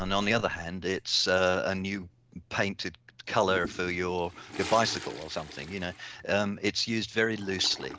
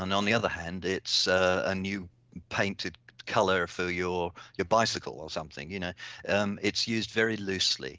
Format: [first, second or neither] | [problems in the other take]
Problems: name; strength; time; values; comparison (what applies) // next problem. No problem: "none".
second | background sound (Toilet flush); 16 dB below the speech